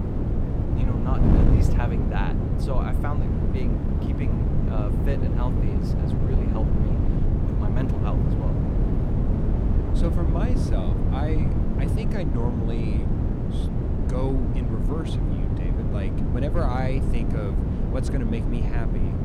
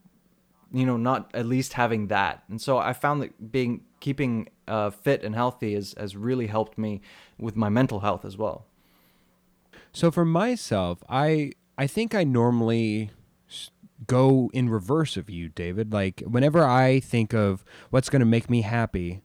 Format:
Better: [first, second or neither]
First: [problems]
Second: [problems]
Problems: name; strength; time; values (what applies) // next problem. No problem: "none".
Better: second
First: wind noise on the microphone; heavy; 1 dB above the speech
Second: none